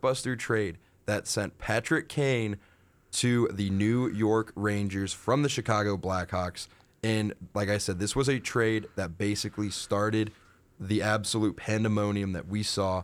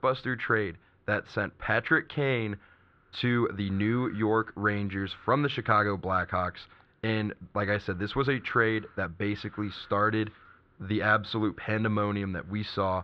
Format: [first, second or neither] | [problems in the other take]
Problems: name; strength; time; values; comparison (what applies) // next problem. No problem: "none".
first | muffled; very; fading above 3.5 kHz